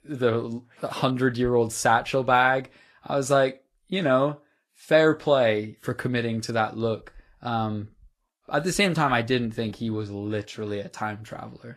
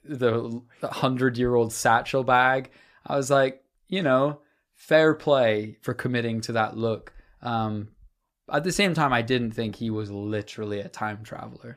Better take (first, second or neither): second